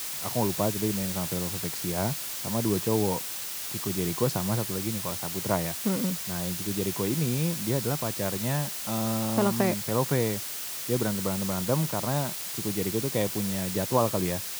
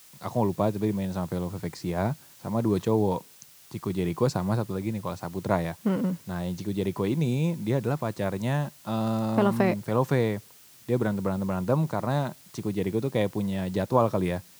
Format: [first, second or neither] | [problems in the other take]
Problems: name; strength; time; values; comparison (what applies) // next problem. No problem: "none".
second | hiss; loud; throughout; 2 dB below the speech; faint in the second